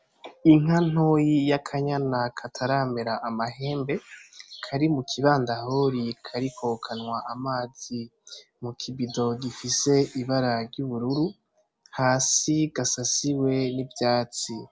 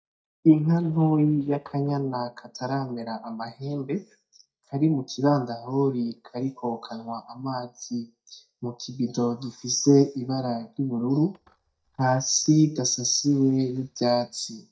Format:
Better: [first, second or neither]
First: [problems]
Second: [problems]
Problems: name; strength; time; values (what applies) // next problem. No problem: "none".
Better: first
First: none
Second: noise reduction (neural mask model DeepFilterNet 3)